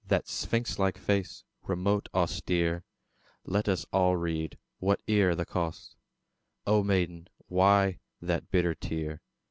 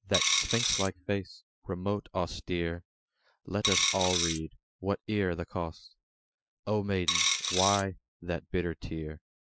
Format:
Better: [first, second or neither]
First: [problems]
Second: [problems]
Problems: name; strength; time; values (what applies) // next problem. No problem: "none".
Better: first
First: none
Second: noise reduction (classical method Wiener filter)